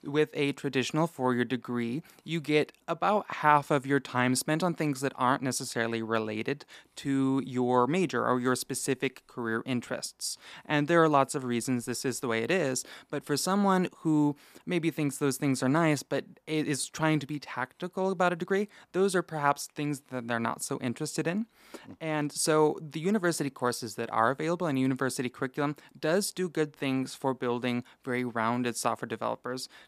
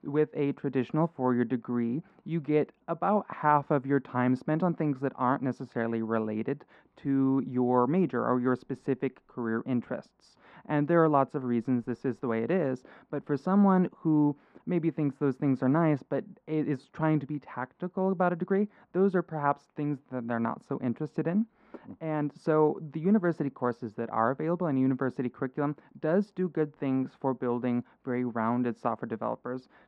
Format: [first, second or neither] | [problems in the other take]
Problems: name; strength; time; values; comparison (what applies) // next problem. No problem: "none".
first | muffled; very; fading above 1.5 kHz